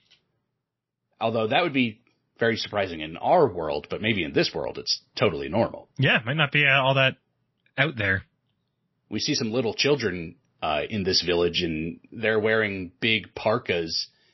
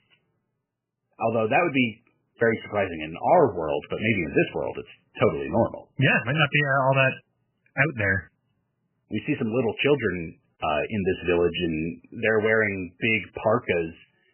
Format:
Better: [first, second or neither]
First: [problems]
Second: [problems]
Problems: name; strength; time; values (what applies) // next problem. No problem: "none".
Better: first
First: garbled, watery; slightly; nothing above 5.5 kHz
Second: garbled, watery; badly; nothing above 3 kHz